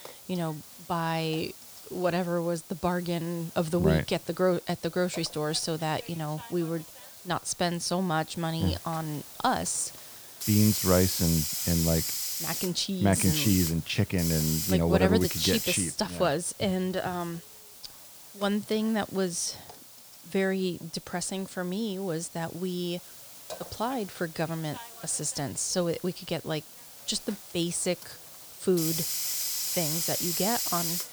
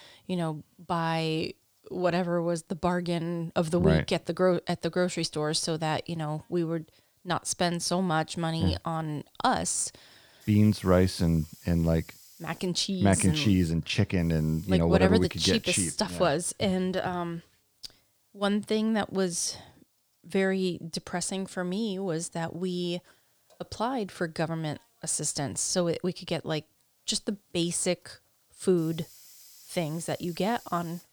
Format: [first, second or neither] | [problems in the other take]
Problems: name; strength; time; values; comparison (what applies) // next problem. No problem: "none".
second | hiss; loud; throughout; 4 dB below the speech; faint in the second